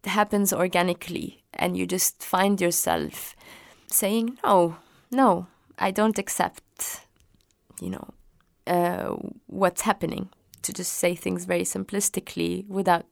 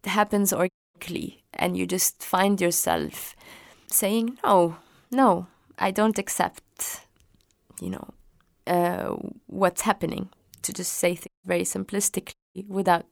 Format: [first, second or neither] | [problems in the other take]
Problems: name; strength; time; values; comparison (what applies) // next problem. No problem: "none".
first | audio cutting out; at 0.5 s, at 11 s and at 12 s